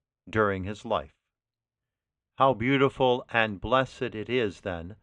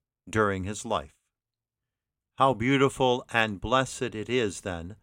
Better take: second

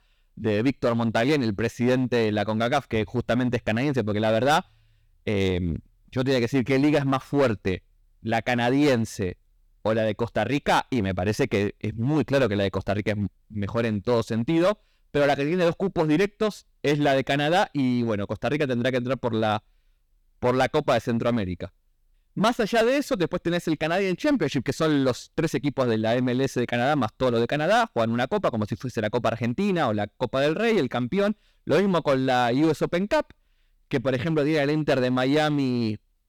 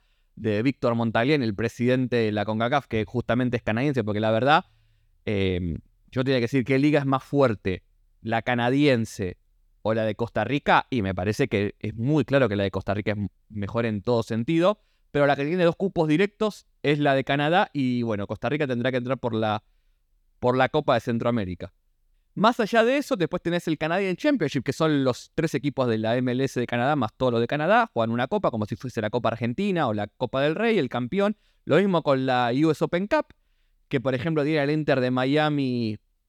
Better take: second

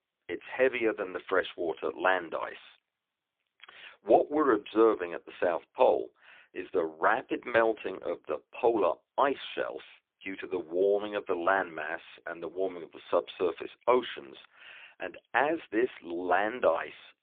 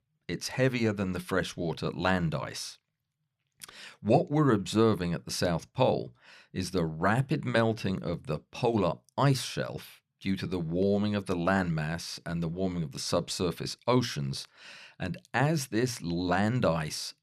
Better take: second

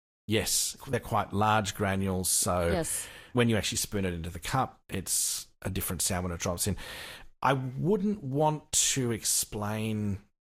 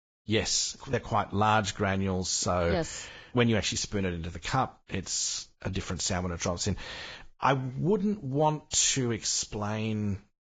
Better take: first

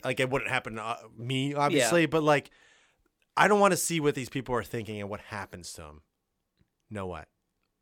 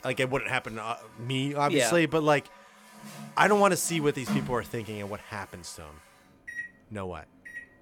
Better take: first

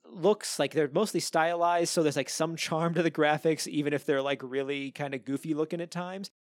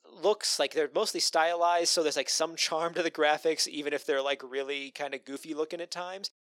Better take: first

